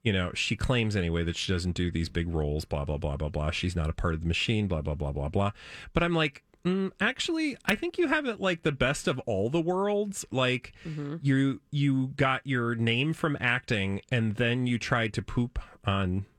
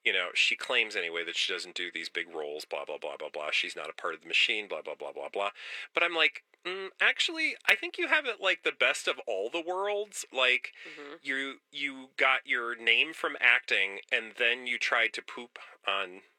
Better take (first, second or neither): first